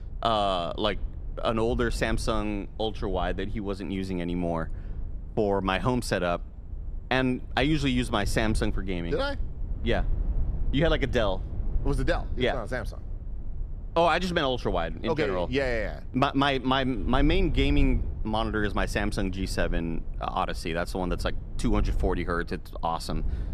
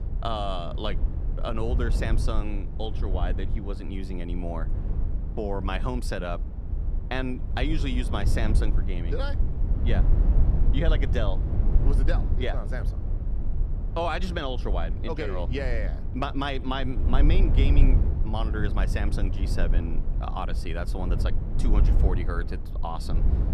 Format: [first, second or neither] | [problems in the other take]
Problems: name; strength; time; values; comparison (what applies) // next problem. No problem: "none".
first | low rumble; loud; throughout; 9 dB below the speech; faint in the first